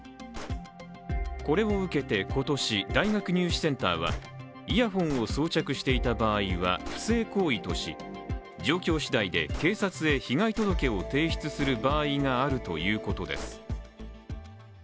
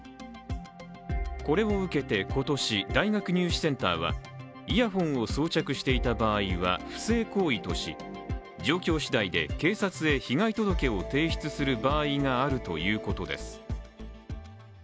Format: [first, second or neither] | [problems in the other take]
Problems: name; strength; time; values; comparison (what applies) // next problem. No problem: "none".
second | background sound (Gunshot, gunfire); 19 dB below the speech